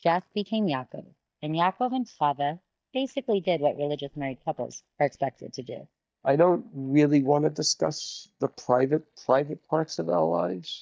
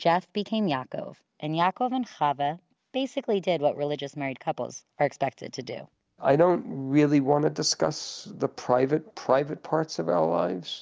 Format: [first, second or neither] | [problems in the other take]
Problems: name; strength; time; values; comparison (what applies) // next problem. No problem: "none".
second | noise reduction (neural mask model DeepFilterNet 3)